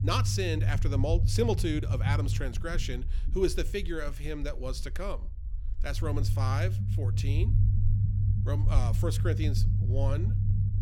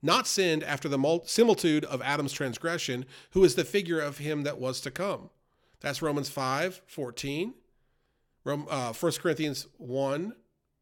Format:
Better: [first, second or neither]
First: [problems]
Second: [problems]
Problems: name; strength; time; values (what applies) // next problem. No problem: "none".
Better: second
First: low rumble; loud; throughout; 7 dB below the speech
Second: none